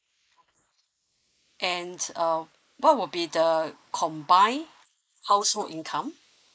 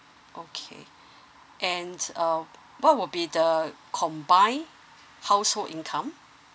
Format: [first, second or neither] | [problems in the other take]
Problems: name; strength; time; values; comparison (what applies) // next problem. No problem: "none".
second | noise reduction (neural mask model Resemble Enhance denoiser)